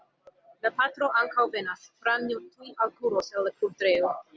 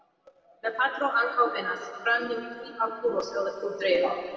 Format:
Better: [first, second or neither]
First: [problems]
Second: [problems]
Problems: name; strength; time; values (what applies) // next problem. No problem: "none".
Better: first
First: none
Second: room echo; dies away in 2.1 s